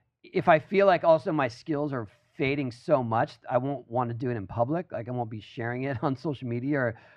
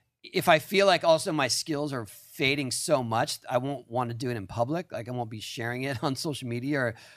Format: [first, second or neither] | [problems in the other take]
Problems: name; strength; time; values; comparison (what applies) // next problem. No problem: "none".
second | muffled; very; fading above 1.5 kHz